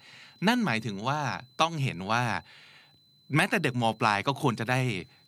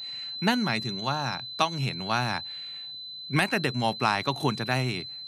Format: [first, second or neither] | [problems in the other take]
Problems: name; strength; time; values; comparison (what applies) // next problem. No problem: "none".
first | high-pitched whine; loud; throughout; 4 kHz, 7 dB below the speech; faint in the first